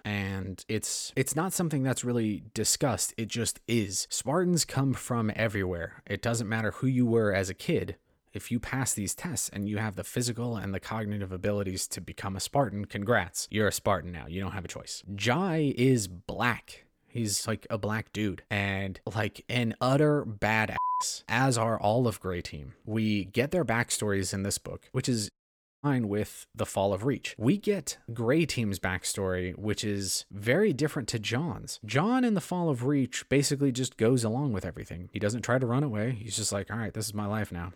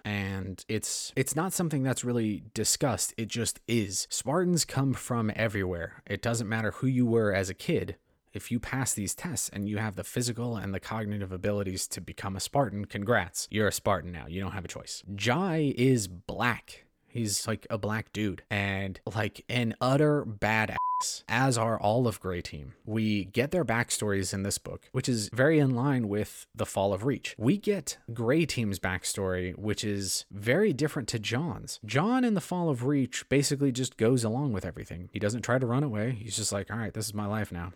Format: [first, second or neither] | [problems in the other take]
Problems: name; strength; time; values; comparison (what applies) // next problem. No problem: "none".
second | audio cutting out; at 25 s for 0.5 s